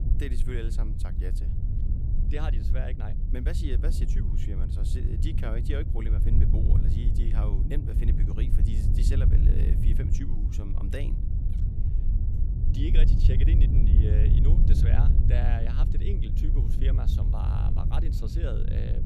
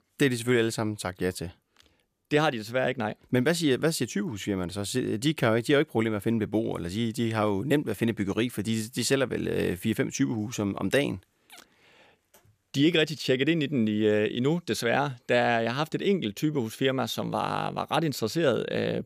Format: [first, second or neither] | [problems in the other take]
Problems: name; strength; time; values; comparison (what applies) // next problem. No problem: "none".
second | low rumble; loud; throughout; 1 dB below the speech